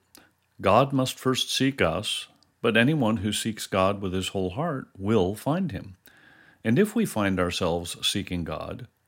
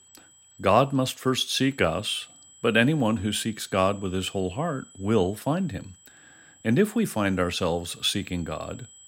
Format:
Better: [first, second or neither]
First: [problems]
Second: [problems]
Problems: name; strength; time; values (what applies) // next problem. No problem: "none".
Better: first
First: none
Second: high-pitched whine; faint; throughout; 8 kHz, 25 dB below the speech